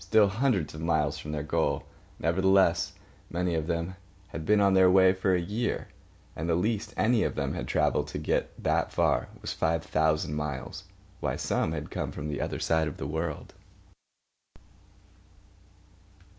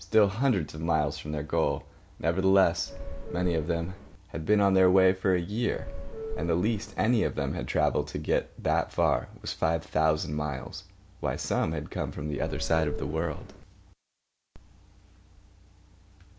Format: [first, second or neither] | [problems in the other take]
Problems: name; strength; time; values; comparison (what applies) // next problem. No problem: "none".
first | background sound (Subway, metro, underground / Doorbell); 7 dB below the speech